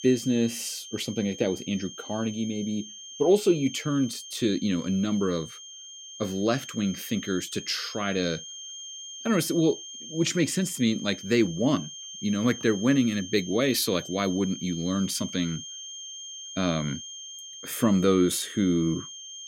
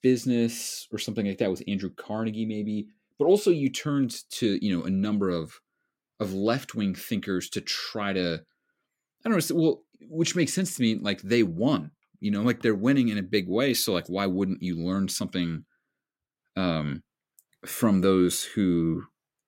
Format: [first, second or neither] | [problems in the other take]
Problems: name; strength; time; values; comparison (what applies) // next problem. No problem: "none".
second | high-pitched whine; noticeable; throughout; 3 kHz, 10 dB below the speech